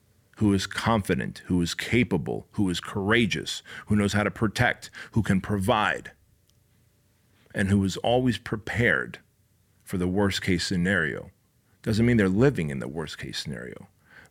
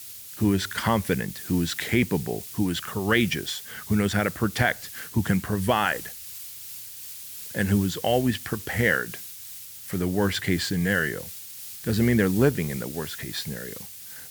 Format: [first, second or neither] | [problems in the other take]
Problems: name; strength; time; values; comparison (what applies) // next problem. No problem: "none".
first | hiss; noticeable; throughout; 10 dB below the speech